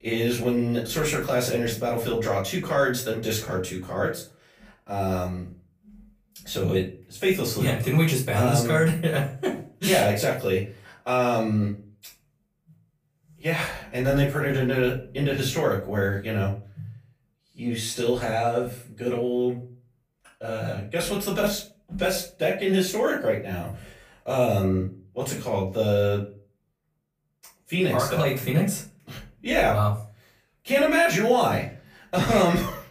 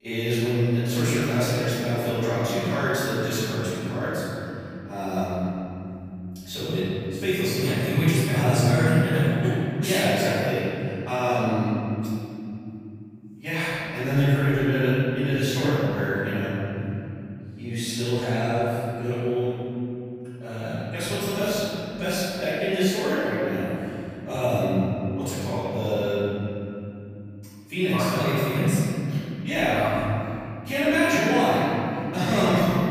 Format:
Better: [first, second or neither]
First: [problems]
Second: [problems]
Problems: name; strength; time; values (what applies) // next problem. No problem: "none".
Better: first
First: room echo; slight; dies away in 0.3 s // off-mic speech; far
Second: room echo; strong; dies away in 3 s // off-mic speech; far